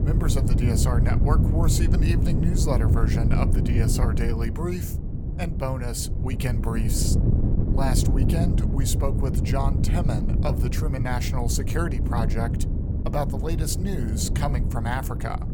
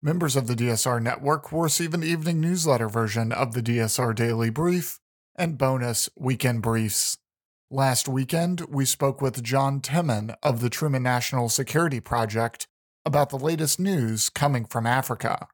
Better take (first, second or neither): second